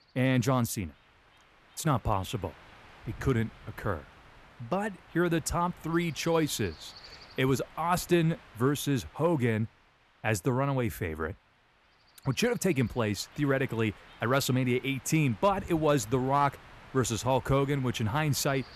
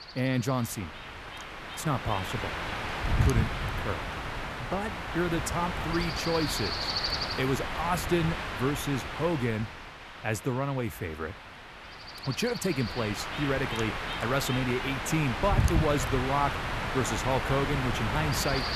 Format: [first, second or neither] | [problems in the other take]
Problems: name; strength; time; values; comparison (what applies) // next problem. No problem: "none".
first | wind noise on the microphone; heavy; as loud as the speech; occasional gusts in the first